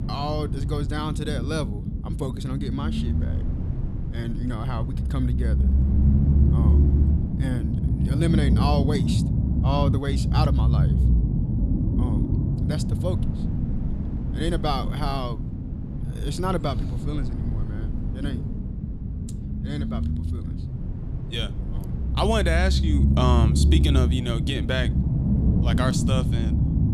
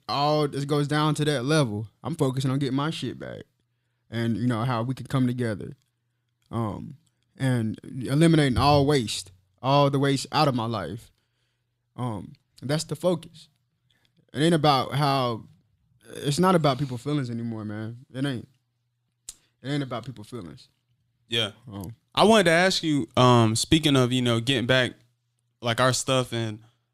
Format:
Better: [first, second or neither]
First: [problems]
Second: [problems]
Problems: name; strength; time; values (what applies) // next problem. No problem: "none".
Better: second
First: low rumble; loud; throughout; 5 dB below the speech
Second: none